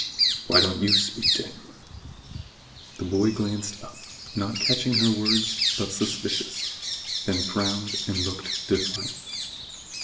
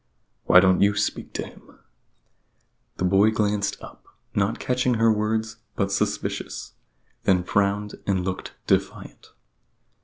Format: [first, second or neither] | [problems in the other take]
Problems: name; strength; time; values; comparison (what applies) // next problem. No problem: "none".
second | background sound (Bird vocalization, bird call, bird song); as loud as the speech // room echo; dies away in 0.7 s